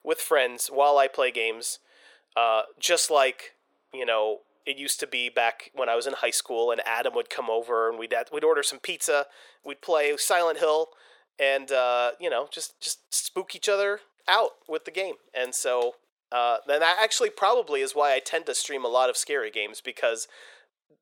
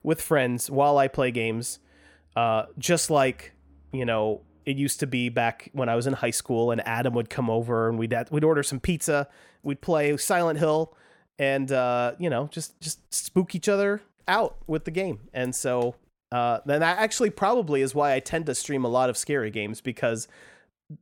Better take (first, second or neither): second